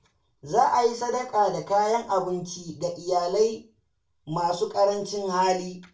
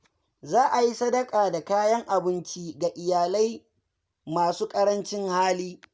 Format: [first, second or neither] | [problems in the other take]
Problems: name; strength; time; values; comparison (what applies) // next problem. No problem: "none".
second | room echo; dies away in 0.3 s